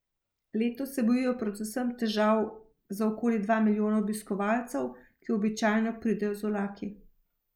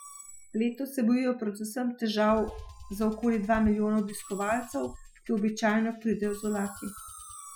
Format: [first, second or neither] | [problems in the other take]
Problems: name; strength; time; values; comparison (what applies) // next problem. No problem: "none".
first | noise reduction (classical method Wiener filter)